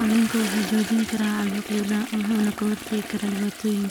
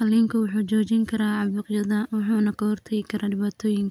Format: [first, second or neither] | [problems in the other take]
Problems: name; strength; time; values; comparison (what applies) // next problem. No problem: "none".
second | background sound (Toilet flush); 10 dB below the speech